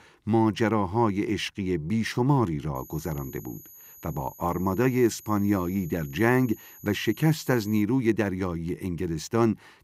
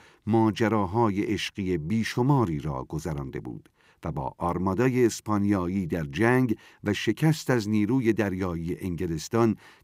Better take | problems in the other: second | high-pitched whine; noticeable; from 3 to 8 s; 12 kHz, 20 dB below the speech

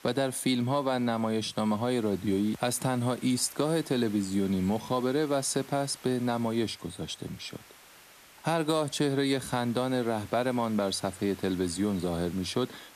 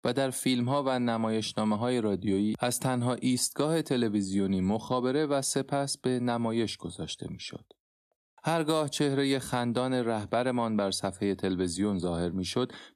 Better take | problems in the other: second | hiss; faint; throughout; 20 dB below the speech

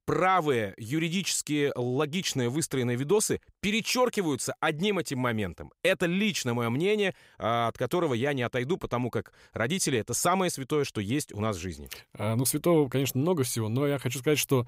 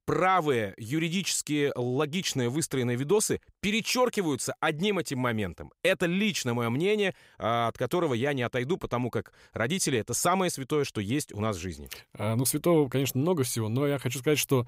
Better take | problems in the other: neither | none

